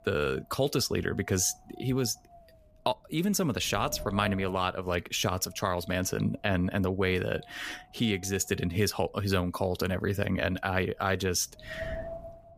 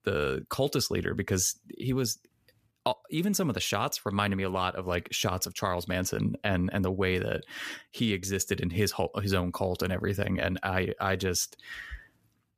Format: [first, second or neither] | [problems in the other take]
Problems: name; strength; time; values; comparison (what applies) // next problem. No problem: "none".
second | wind noise on the microphone; occasional gusts; 15 dB below the speech